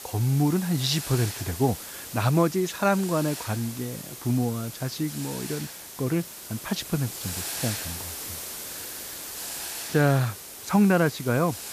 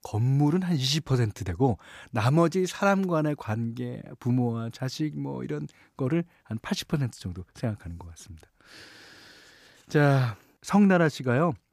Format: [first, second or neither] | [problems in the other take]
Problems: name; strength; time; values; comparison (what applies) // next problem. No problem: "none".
second | hiss; loud; throughout; 9 dB below the speech